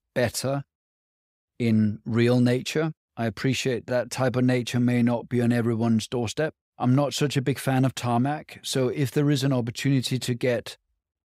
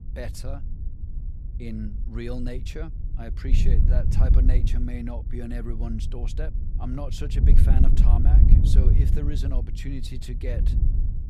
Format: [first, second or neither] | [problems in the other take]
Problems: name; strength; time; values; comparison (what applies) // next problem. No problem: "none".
first | wind noise on the microphone; heavy; 1 dB below the speech